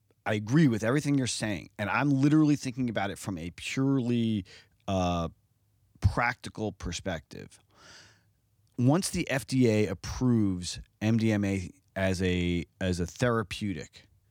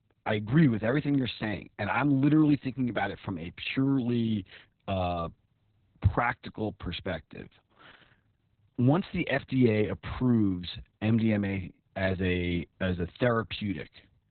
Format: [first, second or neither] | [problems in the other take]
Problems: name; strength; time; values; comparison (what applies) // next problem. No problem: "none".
first | garbled, watery; badly; nothing above 4 kHz